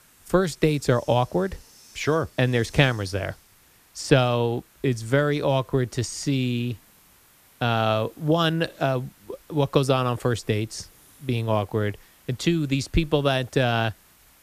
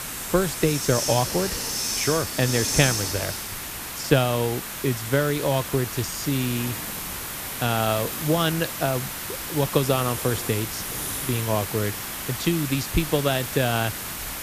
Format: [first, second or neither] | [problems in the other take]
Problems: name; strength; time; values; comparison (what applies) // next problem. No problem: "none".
first | hiss; loud; throughout; 3 dB below the speech; faint in the first